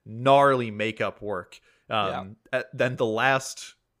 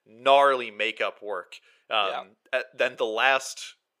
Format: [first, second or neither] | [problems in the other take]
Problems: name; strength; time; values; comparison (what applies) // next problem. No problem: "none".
first | thin; somewhat; fading below 500 Hz